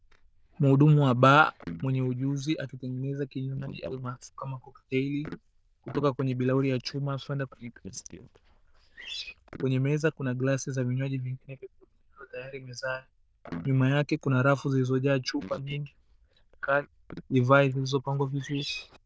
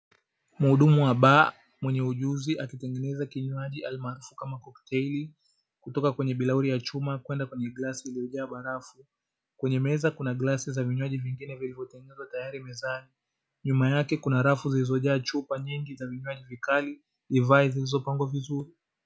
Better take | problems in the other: second | noise reduction (neural diffusion model UNIVERSE++)

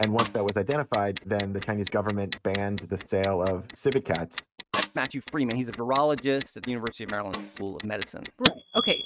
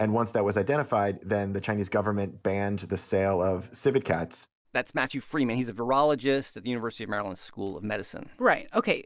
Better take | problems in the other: second | noise reduction (neural mask model RNNoise)

